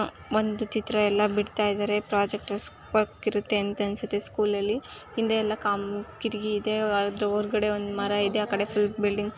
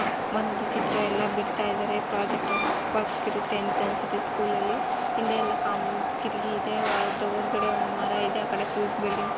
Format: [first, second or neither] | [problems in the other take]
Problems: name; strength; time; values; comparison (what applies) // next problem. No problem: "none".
first | background sound (Train); 3 dB above the speech